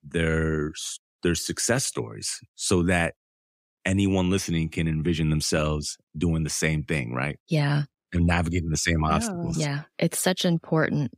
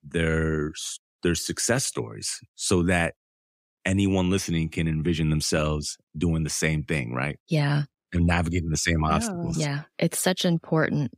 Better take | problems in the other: neither | none

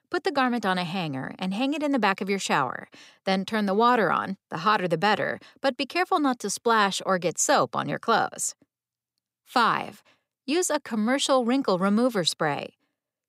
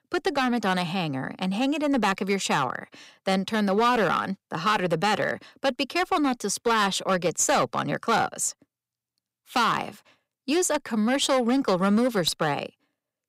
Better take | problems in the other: first | distortion; slight; 5% of the sound clipped

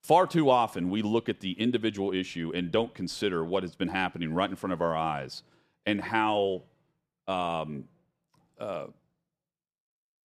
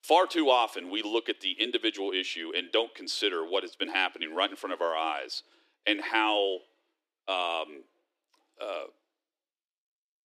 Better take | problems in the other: first | thin; somewhat; fading below 300 Hz

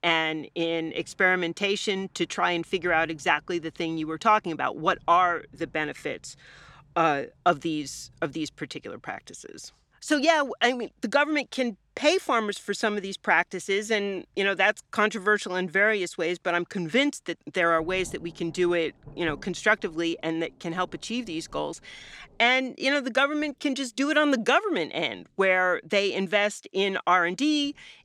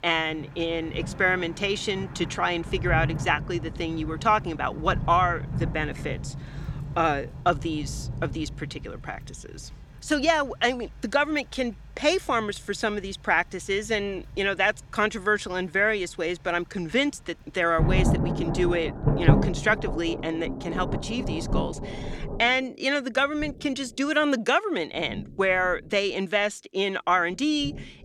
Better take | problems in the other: first | rain or running water; loud; throughout; 5 dB below the speech; faint in the first

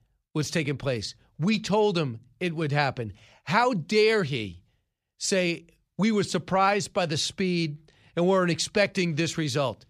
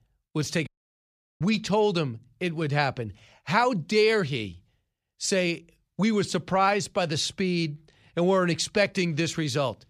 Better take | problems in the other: first | audio cutting out; at 0.5 s for 0.5 s

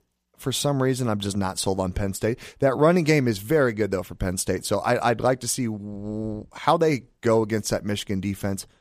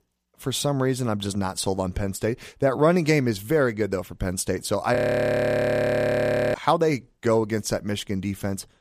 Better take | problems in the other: first | audio freezing; at 5 s for 1.5 s

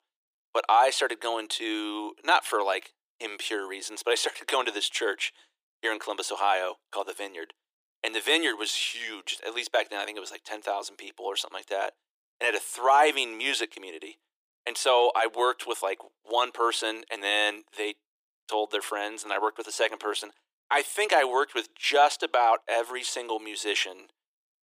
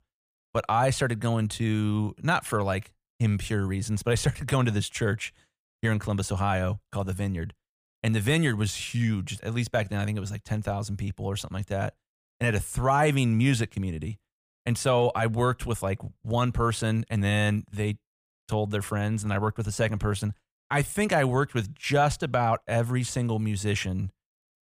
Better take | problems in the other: second | thin; very; fading below 300 Hz

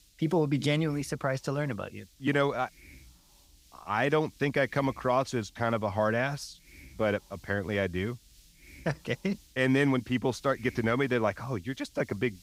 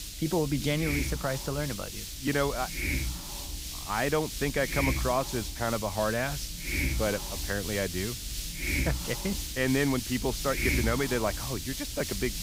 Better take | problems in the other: first | hiss; loud; throughout; 2 dB below the speech; faint in the first

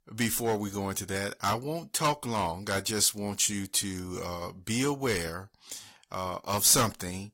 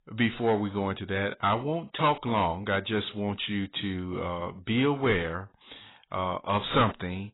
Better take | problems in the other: first | garbled, watery; badly; nothing above 4 kHz; slightly in the first

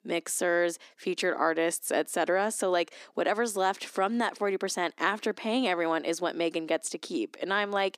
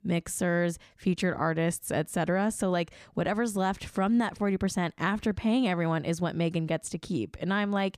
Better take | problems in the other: second | thin; somewhat; fading below 300 Hz

